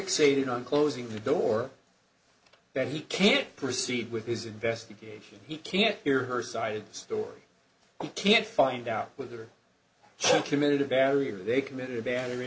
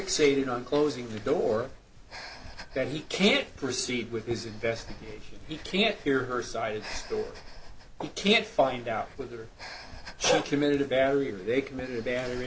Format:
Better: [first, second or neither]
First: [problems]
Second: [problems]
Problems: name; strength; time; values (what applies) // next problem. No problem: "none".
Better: first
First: none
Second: background sound (Breathing); 15 dB below the speech